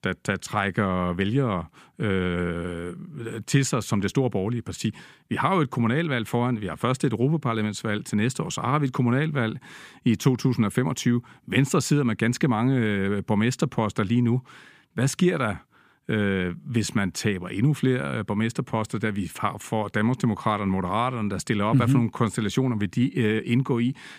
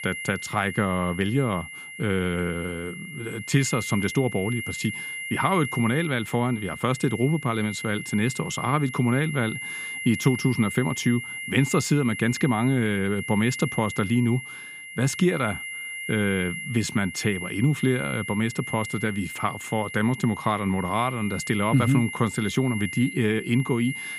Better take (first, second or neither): first